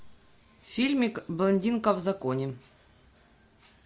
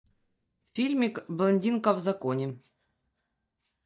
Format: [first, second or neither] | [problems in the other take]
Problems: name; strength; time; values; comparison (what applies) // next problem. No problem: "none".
first | noise reduction (neural mask model DeepFilterNet 3)